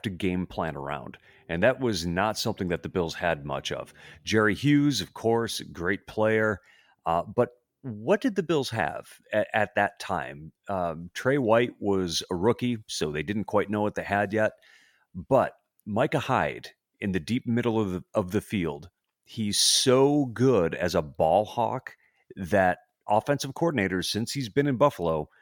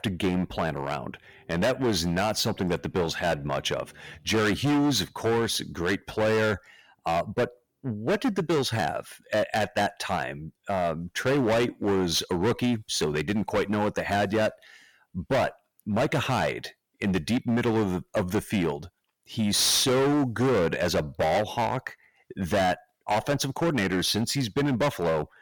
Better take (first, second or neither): first